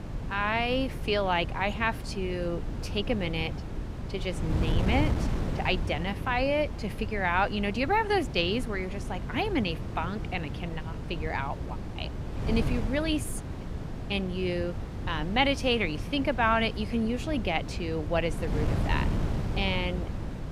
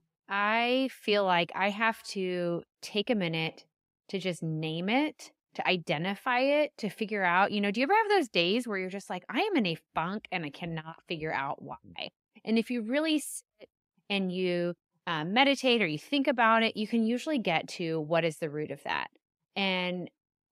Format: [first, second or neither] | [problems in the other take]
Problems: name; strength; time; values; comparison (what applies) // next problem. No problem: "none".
second | wind noise on the microphone; occasional gusts; 10 dB below the speech